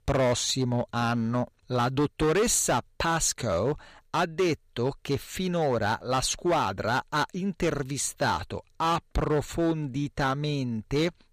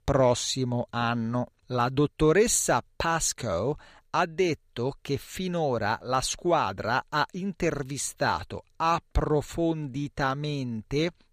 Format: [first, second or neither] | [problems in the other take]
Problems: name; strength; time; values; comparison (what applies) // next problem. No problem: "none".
second | distortion; slight; 8% of the sound clipped